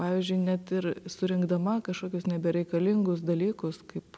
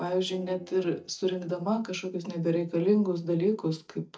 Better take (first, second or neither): first